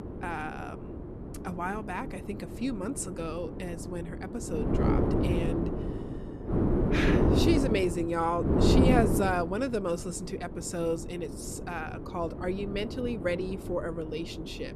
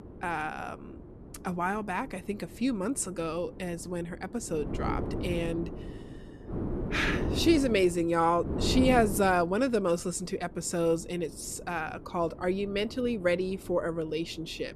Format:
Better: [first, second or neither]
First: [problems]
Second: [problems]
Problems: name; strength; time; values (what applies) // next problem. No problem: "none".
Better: second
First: wind noise on the microphone; heavy; 2 dB below the speech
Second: wind noise on the microphone; occasional gusts; 10 dB below the speech